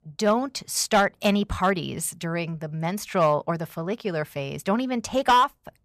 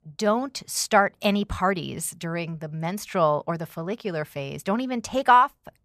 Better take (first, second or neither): second